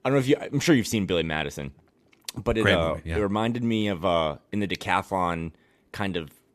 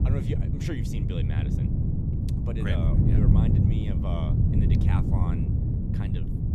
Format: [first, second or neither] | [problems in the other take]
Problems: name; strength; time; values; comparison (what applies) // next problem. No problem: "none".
first | wind noise on the microphone; heavy; 4 dB above the speech